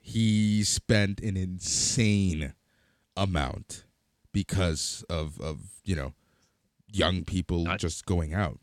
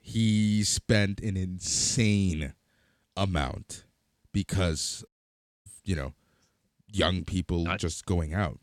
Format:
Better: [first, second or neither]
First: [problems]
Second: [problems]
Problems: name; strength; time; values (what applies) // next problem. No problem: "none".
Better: first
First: none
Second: audio cutting out; at 5 s for 0.5 s